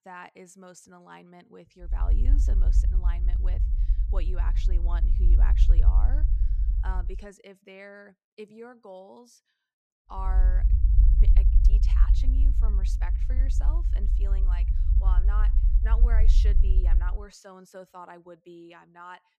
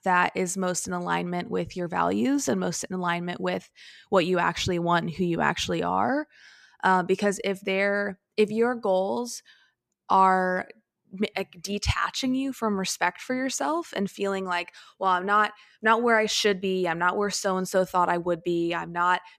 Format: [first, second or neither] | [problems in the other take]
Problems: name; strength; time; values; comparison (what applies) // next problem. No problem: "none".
second | low rumble; loud; from 2 to 7 s and from 10 to 17 s; 4 dB below the speech